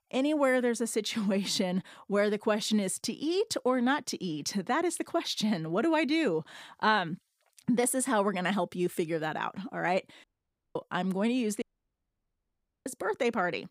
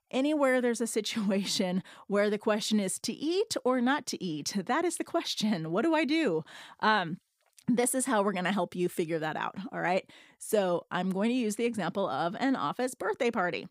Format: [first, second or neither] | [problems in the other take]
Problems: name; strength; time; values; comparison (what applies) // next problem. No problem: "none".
second | audio cutting out; at 10 s for 0.5 s and at 12 s for 1 s